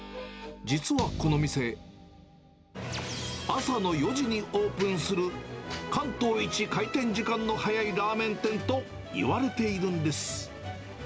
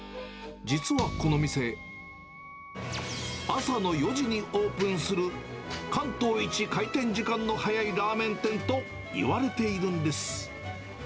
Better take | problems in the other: first | background sound (Wind instrument, woodwind instrument); 17 dB below the speech

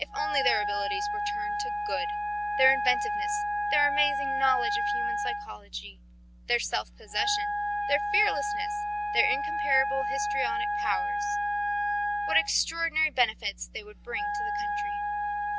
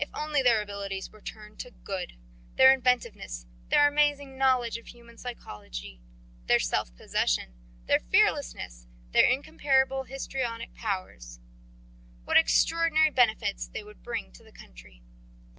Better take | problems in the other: second | background sound (Wind instrument, woodwind instrument); 1 dB above the speech

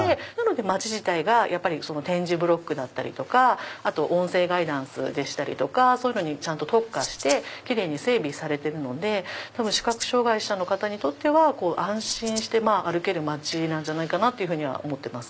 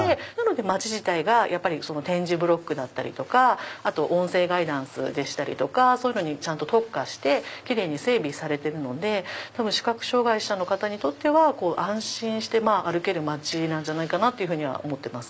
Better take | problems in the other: second | background sound (Rattle (instrument)); 10 dB below the speech

